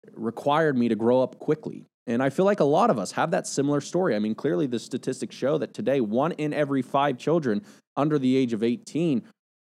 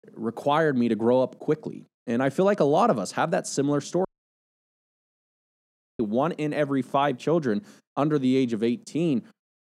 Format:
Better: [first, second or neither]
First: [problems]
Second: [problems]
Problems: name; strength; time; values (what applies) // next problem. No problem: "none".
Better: first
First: none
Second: audio cutting out; at 4 s for 2 s